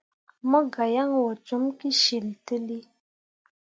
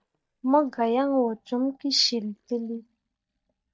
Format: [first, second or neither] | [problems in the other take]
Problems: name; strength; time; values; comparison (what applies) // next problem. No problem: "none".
first | noise reduction (neural mask model DeepFilterNet 3)